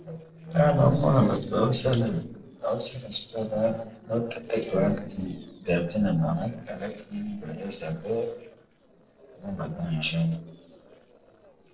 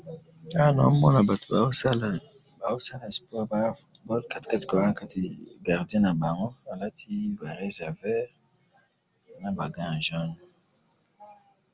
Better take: second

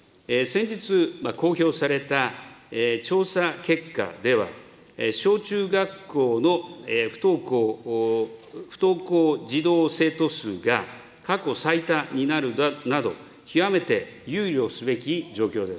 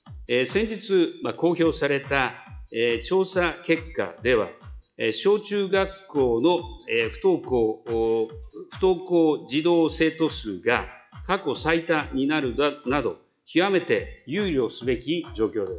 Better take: first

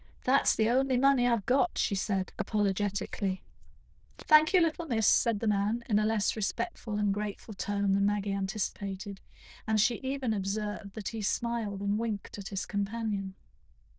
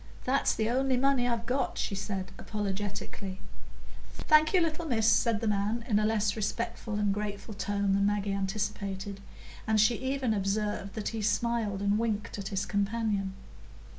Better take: second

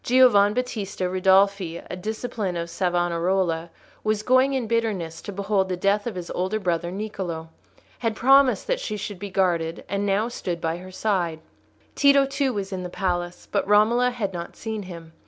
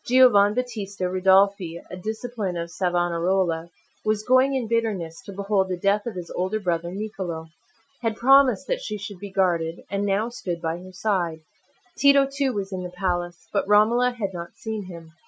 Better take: first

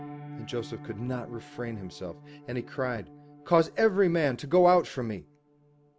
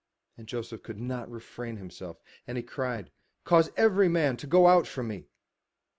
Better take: second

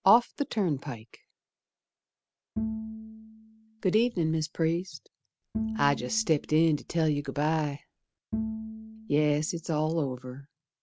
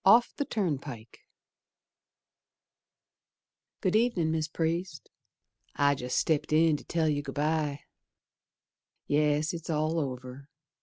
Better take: second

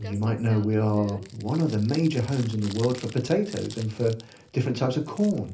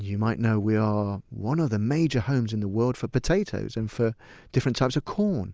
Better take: second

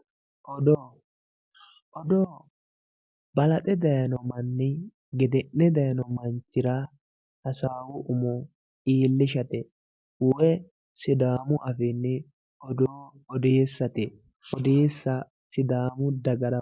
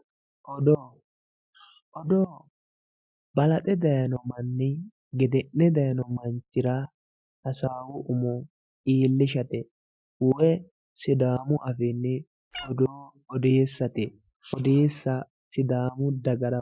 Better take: first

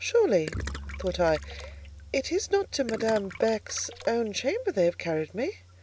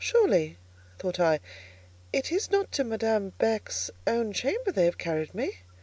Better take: second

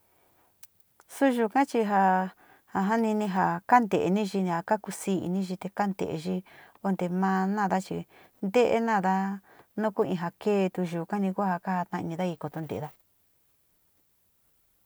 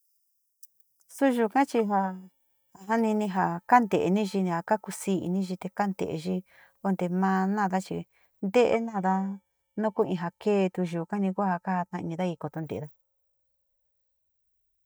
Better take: first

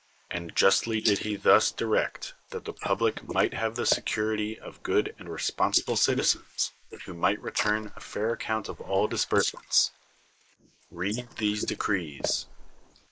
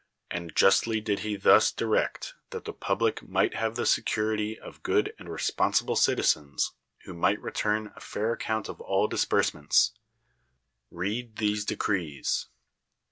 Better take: second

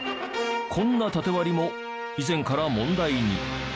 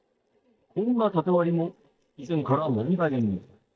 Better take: first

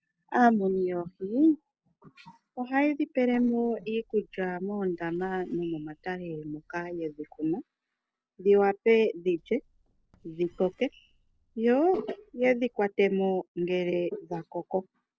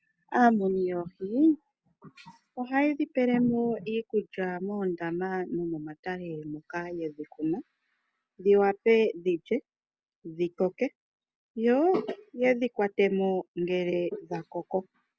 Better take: second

